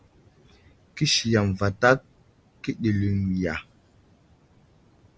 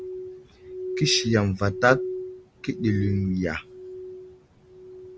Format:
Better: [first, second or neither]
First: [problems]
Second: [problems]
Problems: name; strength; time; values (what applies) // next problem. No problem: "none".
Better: first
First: none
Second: background sound (Glass); 9 dB below the speech